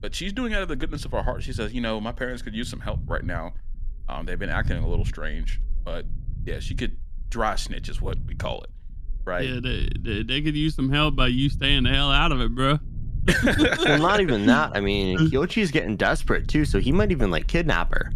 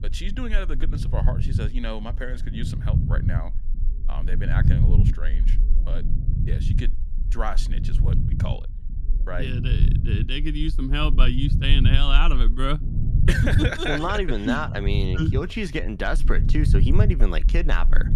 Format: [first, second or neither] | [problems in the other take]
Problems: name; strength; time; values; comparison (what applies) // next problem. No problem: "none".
first | low rumble; loud; throughout; 9 dB below the speech; faint in the first